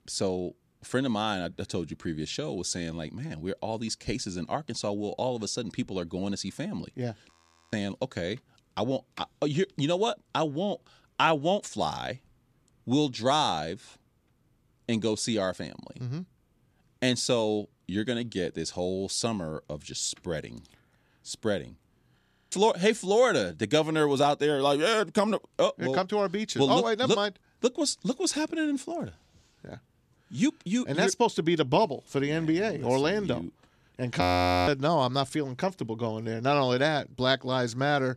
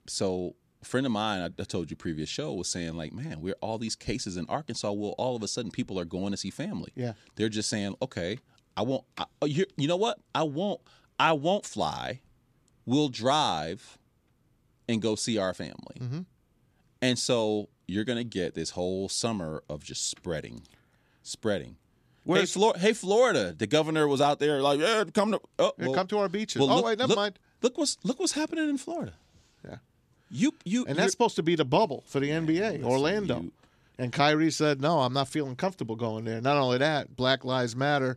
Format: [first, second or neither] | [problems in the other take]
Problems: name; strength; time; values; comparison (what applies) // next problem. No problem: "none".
second | audio freezing; at 7.5 s, at 22 s and at 34 s